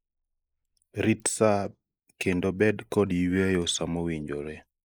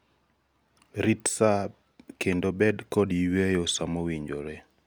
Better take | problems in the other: second | noise reduction (neural mask model Resemble Enhance denoiser)

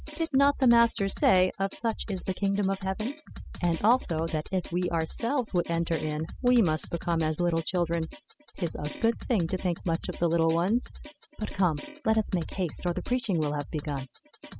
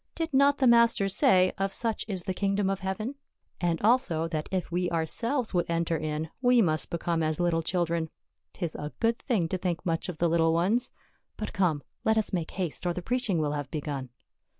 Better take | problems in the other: second | noise reduction (classical method spectral subtraction)

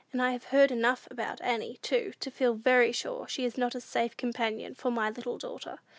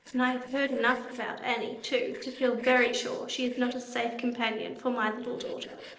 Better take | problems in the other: first | noise reduction (neural separator model SepFormer DNS4)

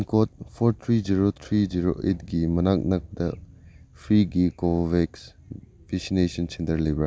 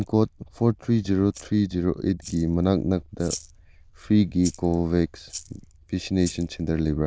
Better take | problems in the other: first | noise reduction (neural diffusion model UNIVERSE++)

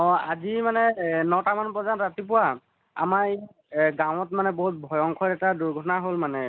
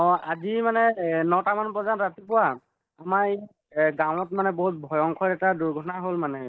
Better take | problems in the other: first | noise reduction (neural mask model DeepFilterNet 3)

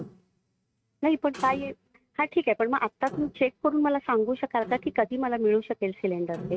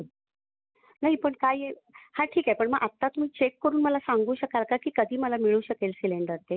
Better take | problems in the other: second | noise reduction (neural mask model RNNoise)

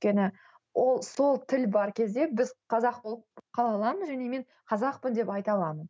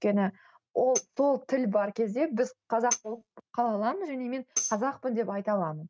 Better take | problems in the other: first | noise reduction (neural mask model RNNoise)

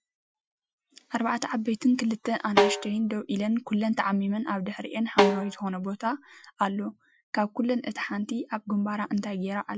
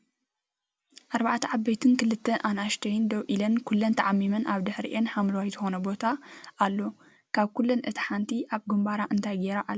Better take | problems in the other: second | noise reduction (classical method Wiener filter)

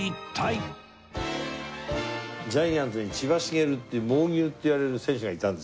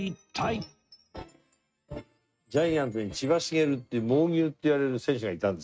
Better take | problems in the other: first | noise reduction (neural mask model RNNoise)

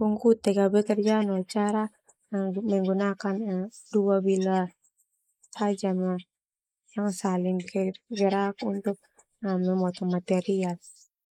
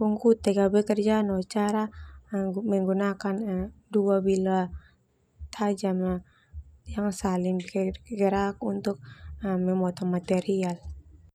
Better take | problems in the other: second | noise reduction (neural mask model Resemble Enhance denoiser)

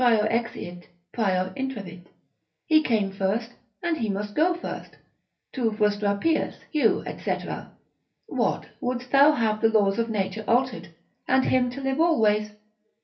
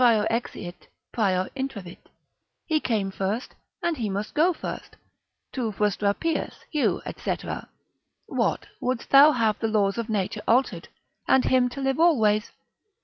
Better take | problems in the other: second | room echo; dies away in 0.3 s

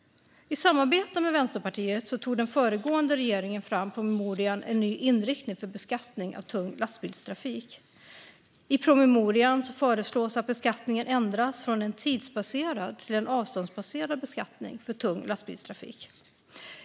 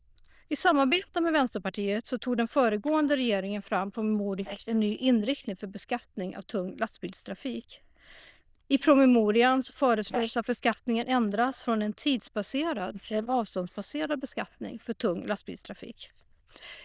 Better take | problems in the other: first | noise reduction (neural diffusion model UNIVERSE++)

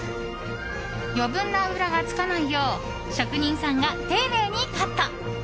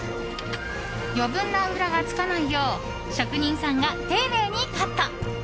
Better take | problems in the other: first | background sound (Knock + Toilet flush / Water); 15 dB below the speech

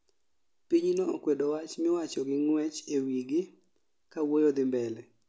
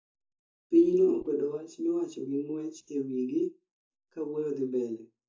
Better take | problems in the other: first | noise reduction (neural mask model DeepFilterNet 3)

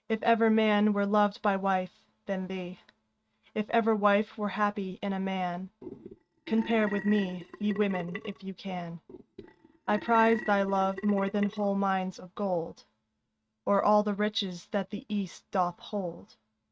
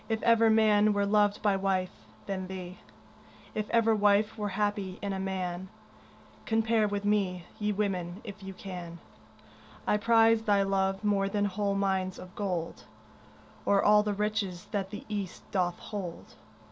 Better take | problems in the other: second | noise reduction (neural mask model RNNoise)

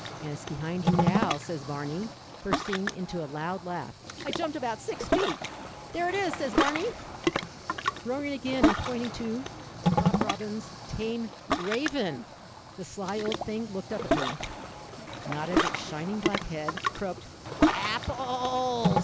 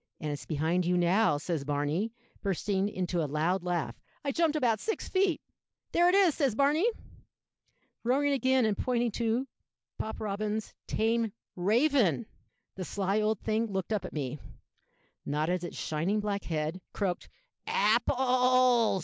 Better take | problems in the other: second | background sound (Ocean); 2 dB above the speech

